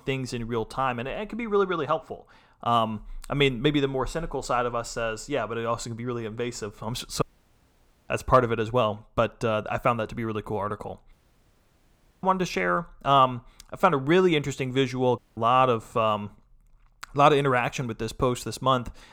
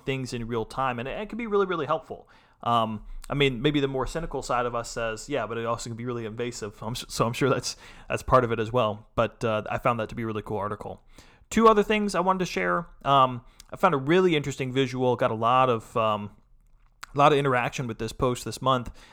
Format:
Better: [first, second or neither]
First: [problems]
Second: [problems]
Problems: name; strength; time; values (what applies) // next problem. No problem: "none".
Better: second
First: audio cutting out; at 7 s for 1 s, at 11 s for 1 s and at 15 s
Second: none